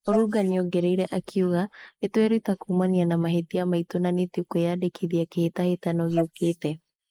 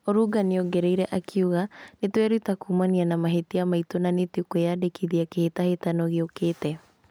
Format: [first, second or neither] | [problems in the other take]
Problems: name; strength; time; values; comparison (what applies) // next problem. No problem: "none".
second | noise reduction (neural mask model Resemble Enhance denoiser)